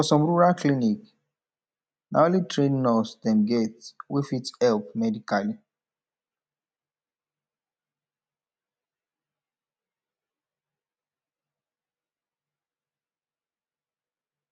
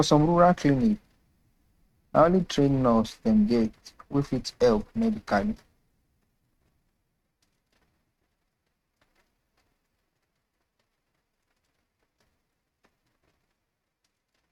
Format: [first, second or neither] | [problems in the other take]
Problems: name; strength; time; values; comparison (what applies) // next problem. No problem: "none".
first | noise reduction (neural mask model RNNoise)